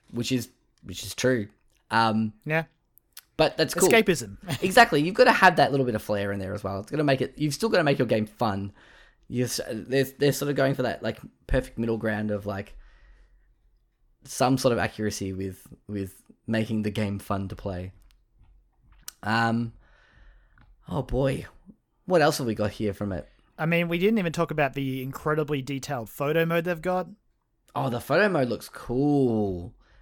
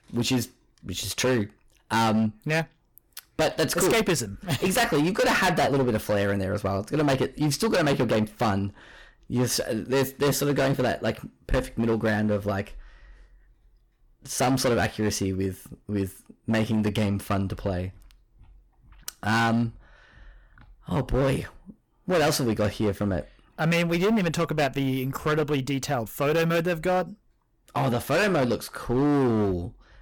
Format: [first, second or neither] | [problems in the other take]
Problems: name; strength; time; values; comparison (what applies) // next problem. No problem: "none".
first | distortion; heavy; 13% of the sound clipped